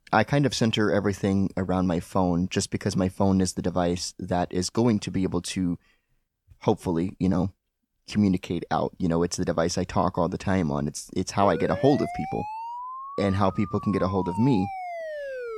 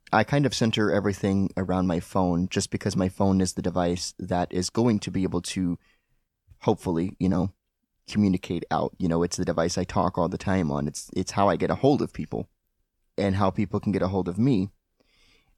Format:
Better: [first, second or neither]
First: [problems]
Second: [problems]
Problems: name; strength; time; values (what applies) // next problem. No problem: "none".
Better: second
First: siren; noticeable; from 11 s on; peak 8 dB below the speech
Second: none